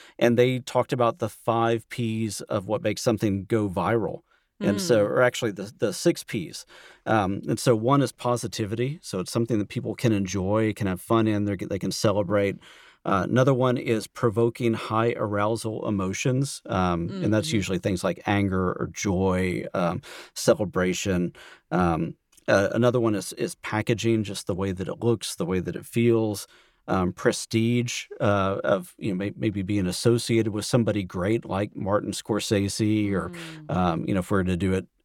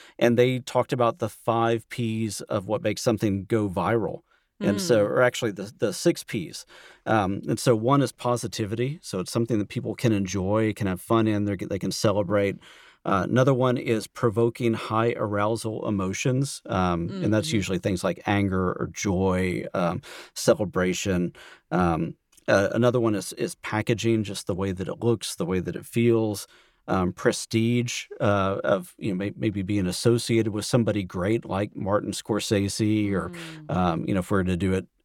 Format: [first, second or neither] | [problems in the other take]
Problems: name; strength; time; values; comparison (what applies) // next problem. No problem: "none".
neither | none